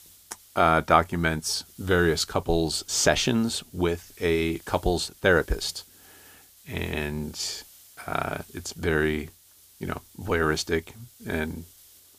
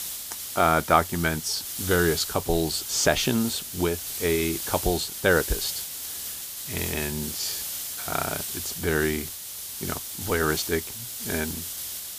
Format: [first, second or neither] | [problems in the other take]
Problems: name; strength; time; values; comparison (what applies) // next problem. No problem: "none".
first | hiss; loud; throughout; 5 dB below the speech; faint in the first